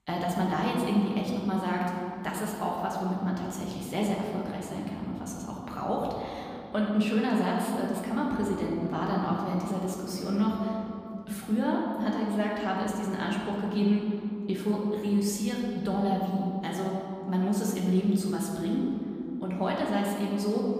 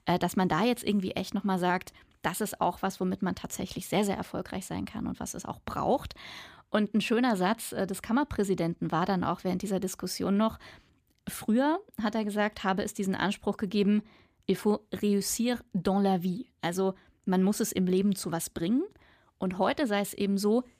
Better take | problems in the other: second | room echo; noticeable; dies away in 2.5 s // off-mic speech; far

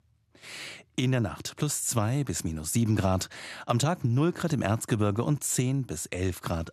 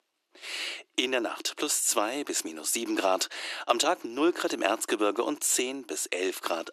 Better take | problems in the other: first | thin; very; fading below 300 Hz

